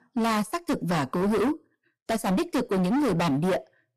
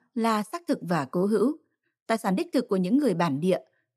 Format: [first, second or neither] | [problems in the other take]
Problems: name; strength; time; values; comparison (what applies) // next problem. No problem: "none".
second | distortion; heavy; 26% of the sound clipped